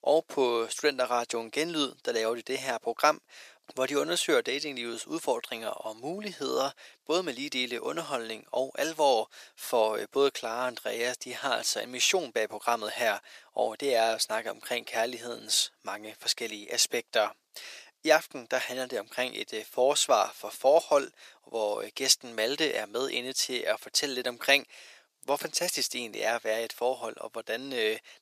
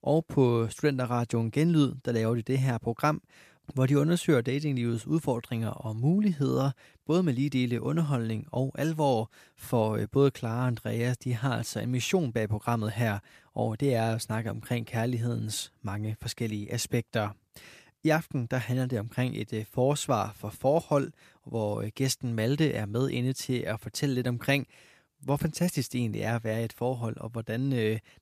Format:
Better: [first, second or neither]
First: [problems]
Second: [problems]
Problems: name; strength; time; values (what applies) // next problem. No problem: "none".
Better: second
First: thin; very; fading below 450 Hz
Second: none